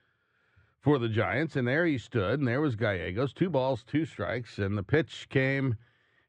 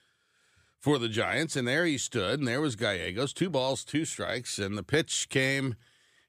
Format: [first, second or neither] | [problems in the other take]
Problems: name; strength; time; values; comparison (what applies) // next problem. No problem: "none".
second | muffled; very; fading above 2 kHz